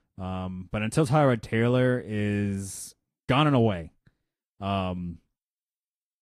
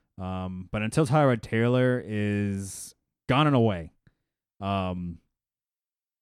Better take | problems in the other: second | garbled, watery; slightly; nothing above 13.5 kHz

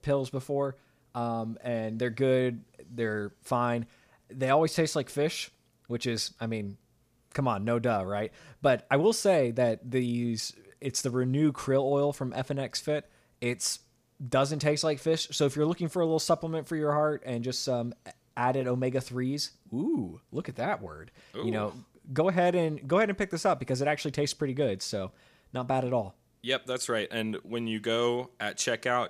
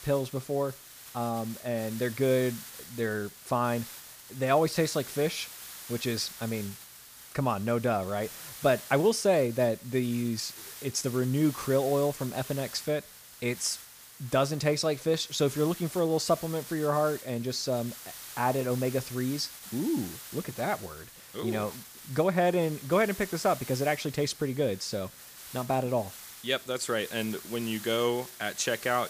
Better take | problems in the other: first | hiss; noticeable; throughout; 15 dB below the speech

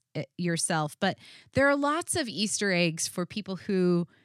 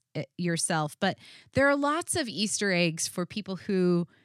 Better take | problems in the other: neither | none

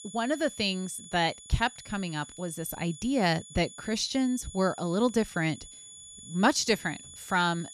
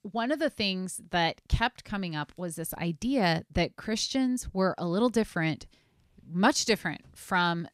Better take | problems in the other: second | high-pitched whine; noticeable; throughout; 7 kHz, 15 dB below the speech

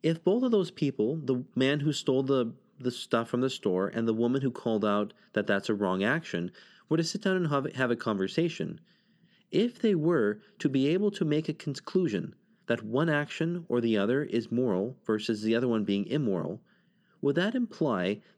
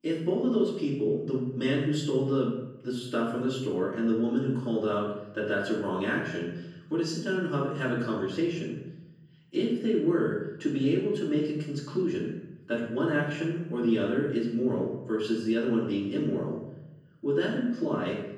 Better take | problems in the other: first | off-mic speech; far // room echo; noticeable; dies away in 0.8 s

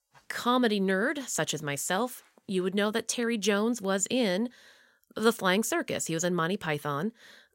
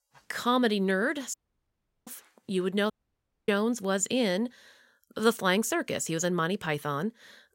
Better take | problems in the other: first | audio cutting out; at 1.5 s for 0.5 s and at 3 s for 0.5 s

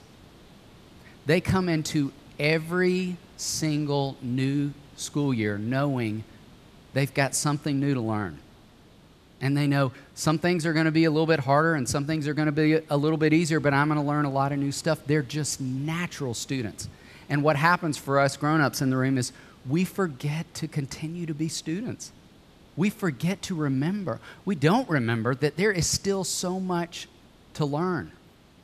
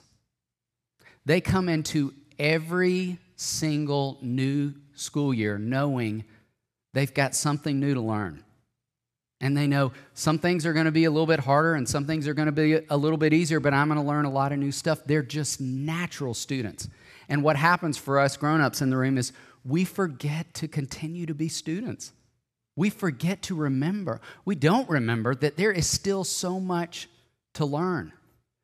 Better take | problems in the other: second | hiss; faint; throughout; 25 dB below the speech

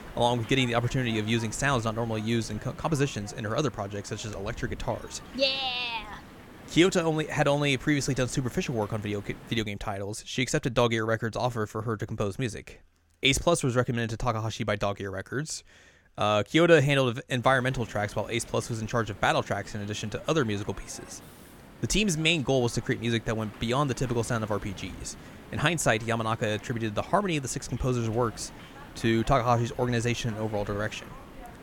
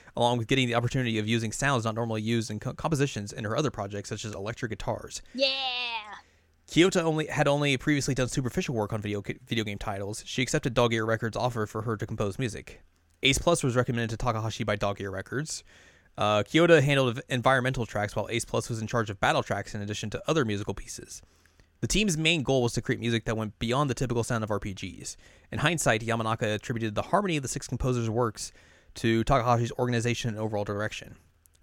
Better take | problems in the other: second | hiss; noticeable; until 9.5 s and from 17 s on; 20 dB below the speech

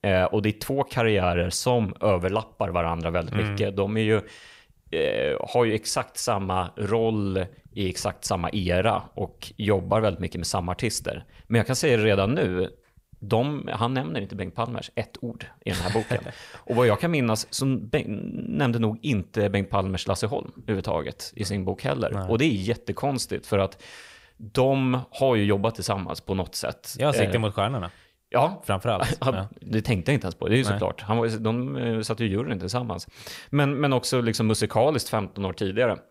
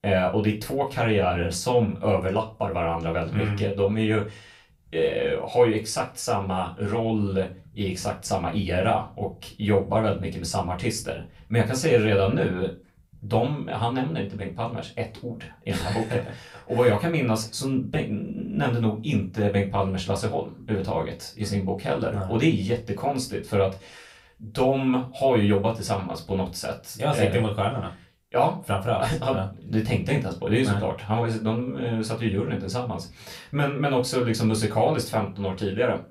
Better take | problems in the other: first | off-mic speech; far // room echo; very slight; dies away in 0.2 s

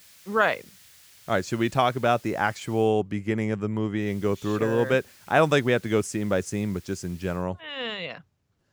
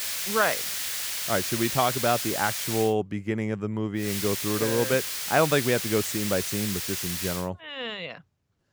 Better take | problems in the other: first | hiss; loud; until 3 s and from 4 to 7.5 s; 1 dB below the speech; faint in the first

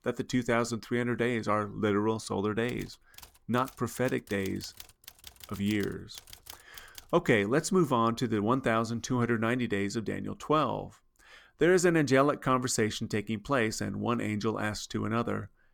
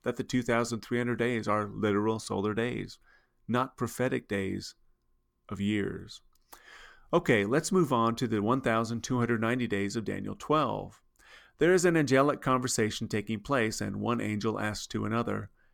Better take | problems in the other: second | keyboard typing; faint; from 2.5 to 7 s; peak 15 dB below the speech

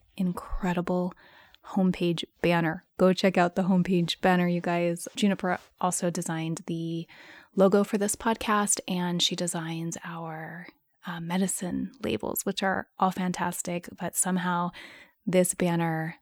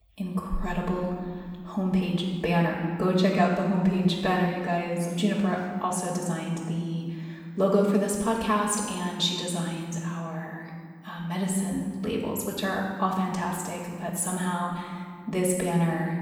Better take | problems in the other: first | off-mic speech; far // room echo; noticeable; dies away in 1.6 s

